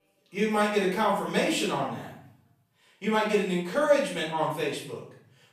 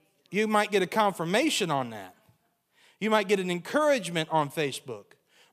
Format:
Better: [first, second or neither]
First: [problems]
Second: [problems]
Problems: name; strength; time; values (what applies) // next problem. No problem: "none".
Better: second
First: off-mic speech; far // room echo; noticeable; dies away in 0.6 s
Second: none